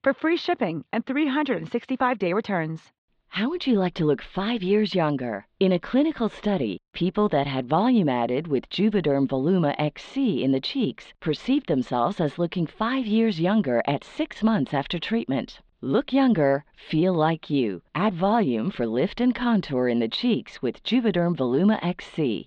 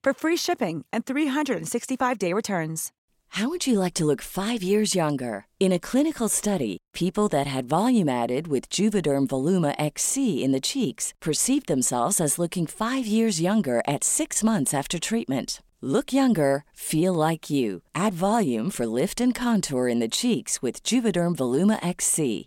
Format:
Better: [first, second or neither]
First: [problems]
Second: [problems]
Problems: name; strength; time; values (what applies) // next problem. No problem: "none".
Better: second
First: muffled; slightly; fading above 4 kHz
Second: none